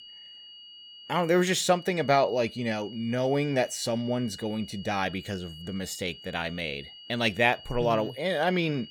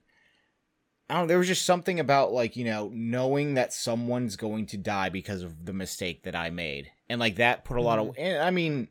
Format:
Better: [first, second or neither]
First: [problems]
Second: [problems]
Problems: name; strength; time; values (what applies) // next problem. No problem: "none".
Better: second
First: high-pitched whine; noticeable; throughout; 3 kHz, 15 dB below the speech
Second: none